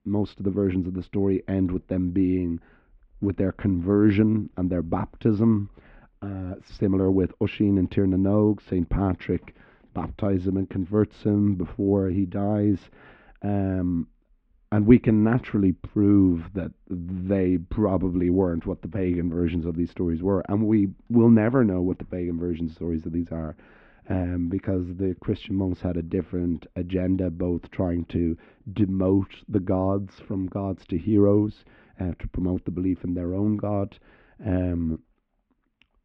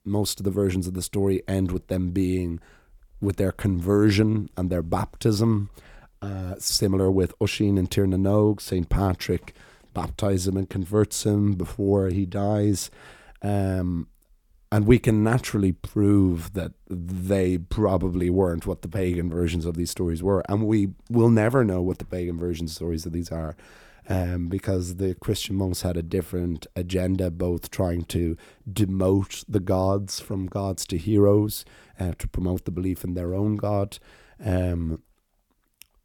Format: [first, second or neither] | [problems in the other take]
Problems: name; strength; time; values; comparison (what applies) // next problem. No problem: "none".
second | muffled; very; fading above 3 kHz